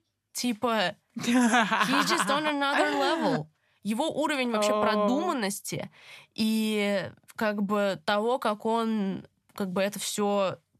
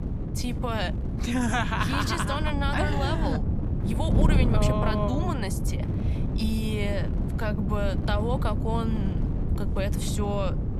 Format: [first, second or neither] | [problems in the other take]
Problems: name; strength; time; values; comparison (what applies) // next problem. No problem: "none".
first | wind noise on the microphone; heavy; 8 dB below the speech